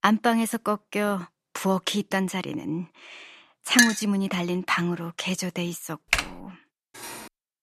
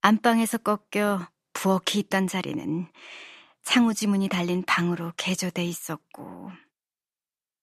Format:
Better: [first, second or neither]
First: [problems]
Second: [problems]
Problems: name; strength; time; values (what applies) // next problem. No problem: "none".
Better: second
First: clattering dishes; loud; at 4 s; peak 6 dB above the speech // keyboard typing; loud; at 6 s; peak 1 dB above the speech // clattering dishes; faint; at 7 s; peak 10 dB below the speech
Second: none